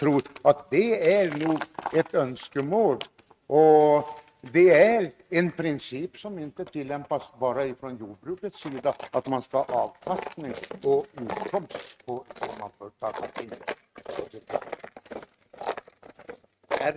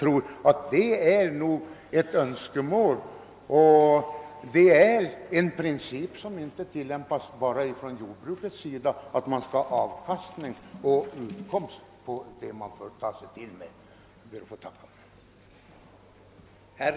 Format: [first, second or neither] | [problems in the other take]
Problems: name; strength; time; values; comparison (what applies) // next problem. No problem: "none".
second | noise reduction (neural mask model RNNoise)